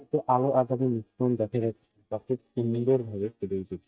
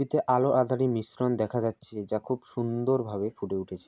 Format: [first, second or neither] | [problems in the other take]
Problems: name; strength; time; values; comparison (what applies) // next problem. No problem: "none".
second | noise reduction (neural mask model DeepFilterNet 3)